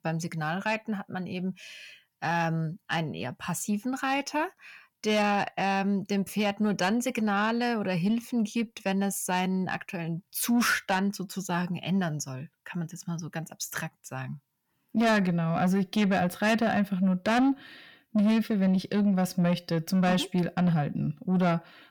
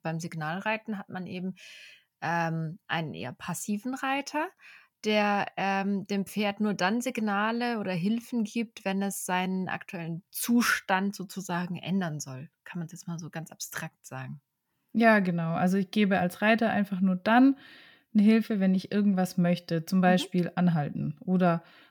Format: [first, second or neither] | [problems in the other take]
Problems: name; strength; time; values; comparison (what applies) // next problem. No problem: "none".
second | distortion; slight; 10 dB below the speech